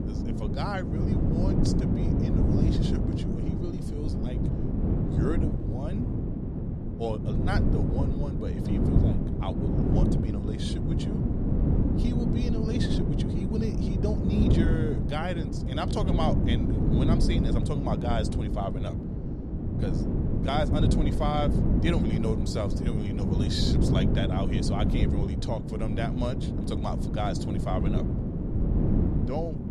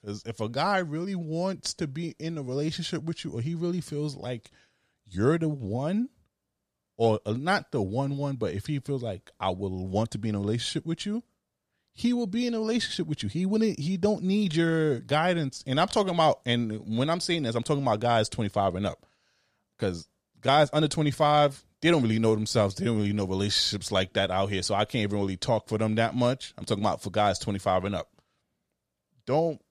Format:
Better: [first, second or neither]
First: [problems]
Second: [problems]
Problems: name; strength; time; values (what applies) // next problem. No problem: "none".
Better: second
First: wind noise on the microphone; heavy; as loud as the speech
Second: none